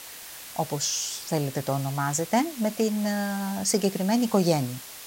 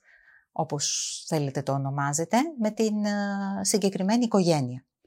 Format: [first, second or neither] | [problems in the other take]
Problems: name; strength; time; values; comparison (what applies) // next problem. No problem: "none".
second | hiss; noticeable; throughout; 15 dB below the speech